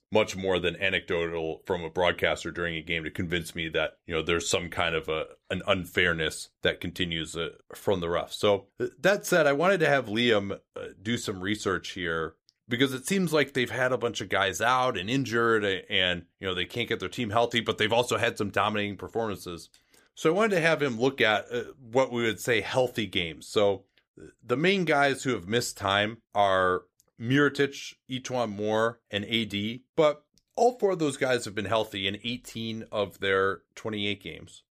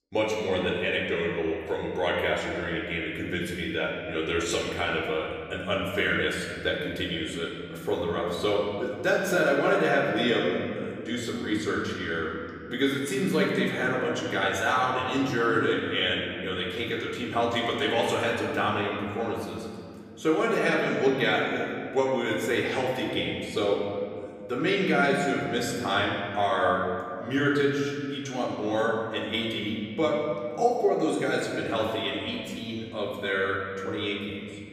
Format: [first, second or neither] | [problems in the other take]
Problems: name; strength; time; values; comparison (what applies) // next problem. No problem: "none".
first | off-mic speech; far // room echo; noticeable; dies away in 2.2 s